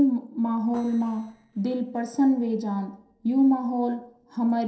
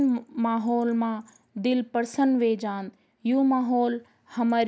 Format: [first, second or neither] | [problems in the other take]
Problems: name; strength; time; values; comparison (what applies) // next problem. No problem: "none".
second | noise reduction (neural separator model SepFormer DNS4)